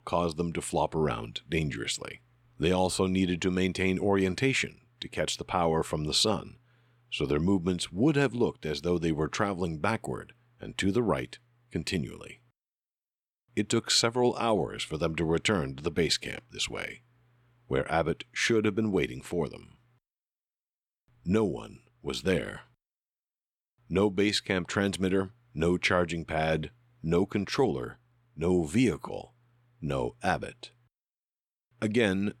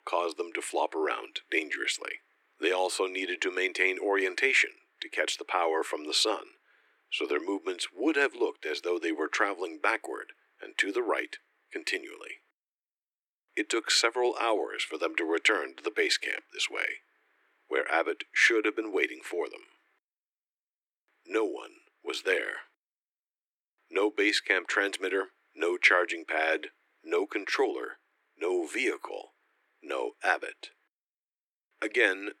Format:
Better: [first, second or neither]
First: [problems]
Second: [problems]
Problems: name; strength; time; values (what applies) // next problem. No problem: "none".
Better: first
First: none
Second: thin; very; fading below 300 Hz